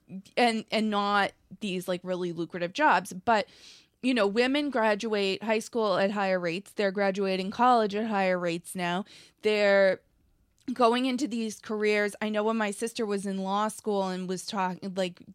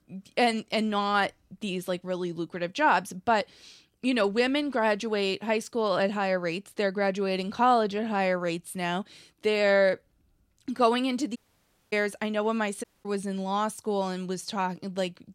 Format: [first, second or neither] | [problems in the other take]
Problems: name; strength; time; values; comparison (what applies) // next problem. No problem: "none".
first | audio cutting out; at 11 s for 0.5 s and at 13 s